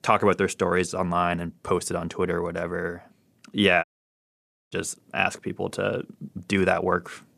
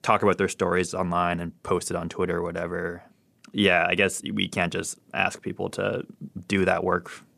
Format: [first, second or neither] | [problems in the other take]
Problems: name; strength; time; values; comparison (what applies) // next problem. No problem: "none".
second | audio cutting out; at 4 s for 1 s